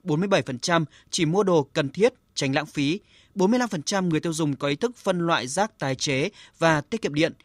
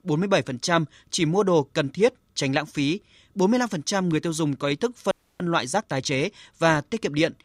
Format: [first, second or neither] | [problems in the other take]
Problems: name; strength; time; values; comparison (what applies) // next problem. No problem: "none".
first | audio freezing; at 5 s